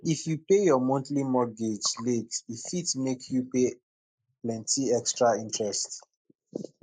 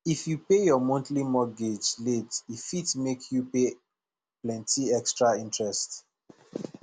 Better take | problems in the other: second | noise reduction (neural mask model Resemble Enhance denoiser)

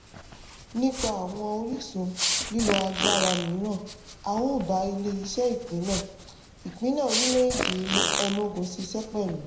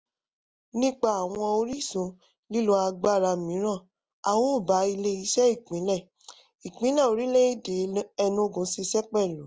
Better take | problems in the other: second | background sound (Fart); 3 dB below the speech // room echo; dies away in 0.6 s

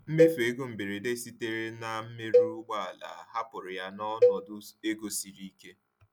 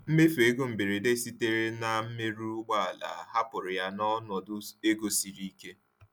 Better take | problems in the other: second | background sound (Cowbell); 5 dB above the speech

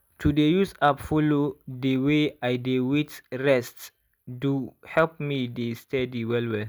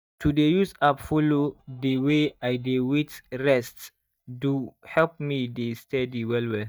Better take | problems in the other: first | noise reduction (neural mask model DeepFilterNet 3)

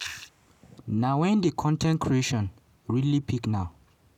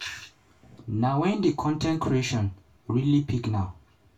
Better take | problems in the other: first | room echo; dies away in 0.2 s

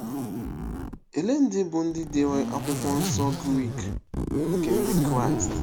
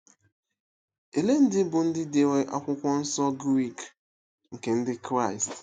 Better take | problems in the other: second | background sound (Zipper (clothing)); as loud as the speech

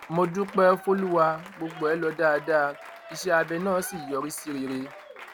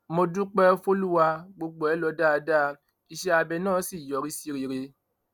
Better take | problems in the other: second | background sound (Applause / Crowd); 17 dB below the speech

